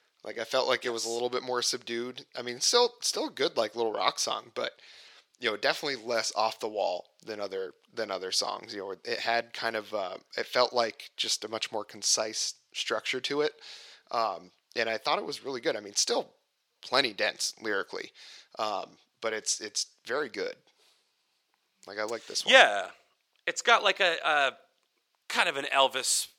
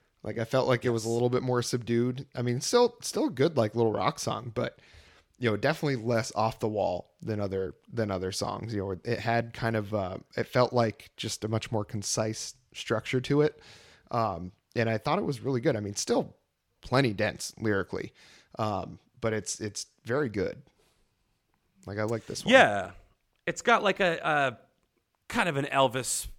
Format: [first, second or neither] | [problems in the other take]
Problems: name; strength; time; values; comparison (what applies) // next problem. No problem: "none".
second | thin; somewhat; fading below 500 Hz